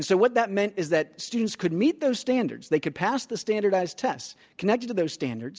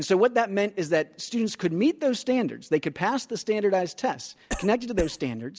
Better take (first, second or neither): first